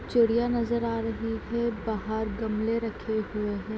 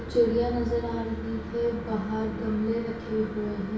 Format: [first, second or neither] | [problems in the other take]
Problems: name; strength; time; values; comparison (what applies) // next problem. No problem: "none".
first | background sound (Organ); 15 dB below the speech // room echo; dies away in 0.6 s